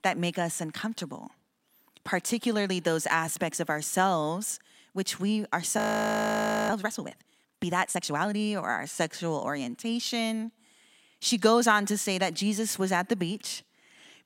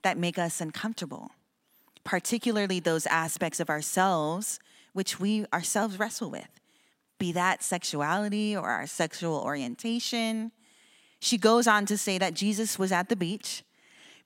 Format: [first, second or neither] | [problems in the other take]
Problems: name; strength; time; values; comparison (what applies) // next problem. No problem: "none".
second | audio freezing; at 6 s for 1 s